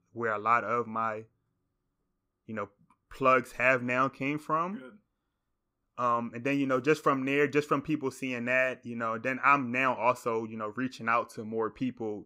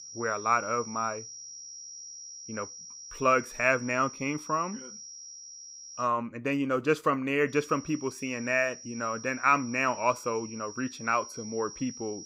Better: first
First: none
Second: high-pitched whine; noticeable; until 6 s and from 7.5 s on; 5.5 kHz, 15 dB below the speech

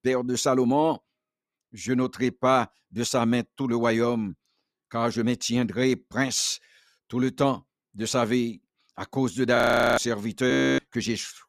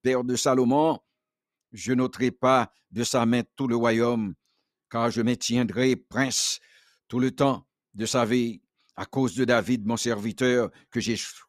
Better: second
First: audio freezing; at 9.5 s and at 11 s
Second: none

